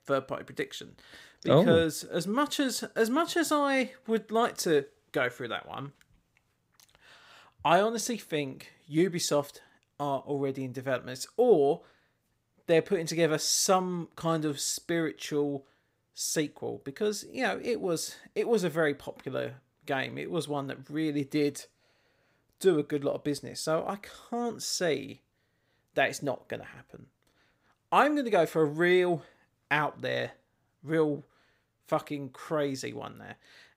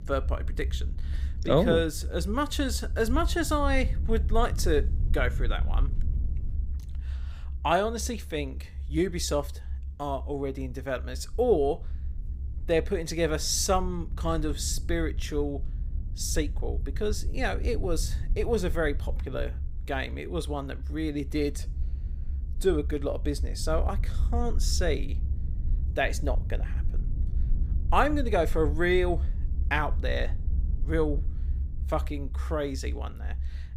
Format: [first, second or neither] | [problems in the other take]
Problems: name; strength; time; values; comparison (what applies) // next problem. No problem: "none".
first | low rumble; faint; throughout; 20 dB below the speech